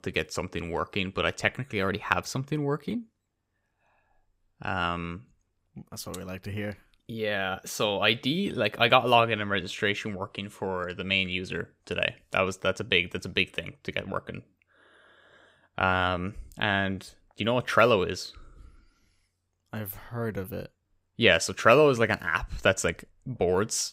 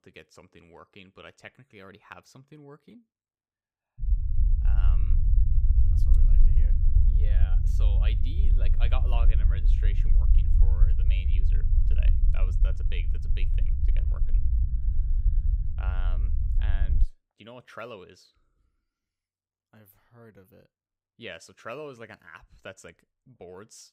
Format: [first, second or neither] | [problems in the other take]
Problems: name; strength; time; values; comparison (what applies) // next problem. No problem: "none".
first | low rumble; loud; from 4 to 17 s; 3 dB below the speech